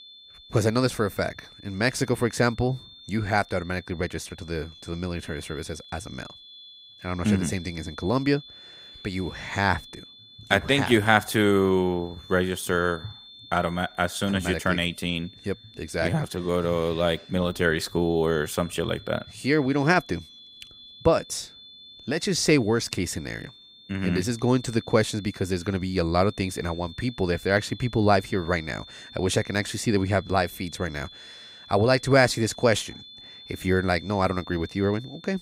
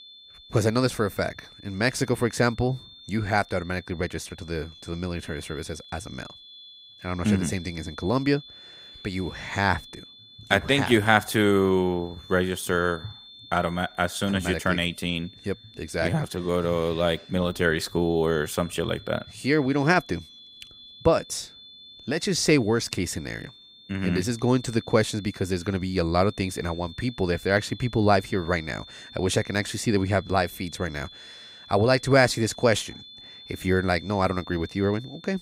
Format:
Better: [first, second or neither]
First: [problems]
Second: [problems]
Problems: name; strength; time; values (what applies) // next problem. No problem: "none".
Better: neither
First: high-pitched whine; noticeable; throughout; 3.5 kHz, 20 dB below the speech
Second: high-pitched whine; noticeable; throughout; 3.5 kHz, 20 dB below the speech